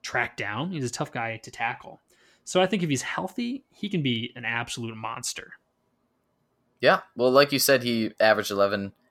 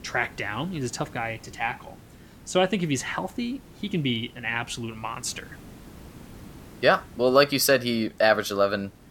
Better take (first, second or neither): first